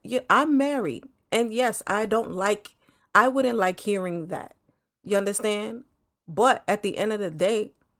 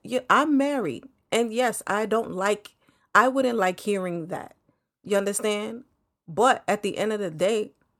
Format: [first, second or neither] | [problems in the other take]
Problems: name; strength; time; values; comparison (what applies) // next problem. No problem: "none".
second | garbled, watery; slightly; nothing above 15.5 kHz